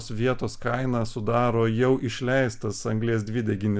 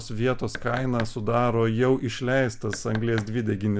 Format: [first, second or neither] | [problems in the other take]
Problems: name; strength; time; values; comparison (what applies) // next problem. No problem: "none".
first | background sound (Knock); 16 dB below the speech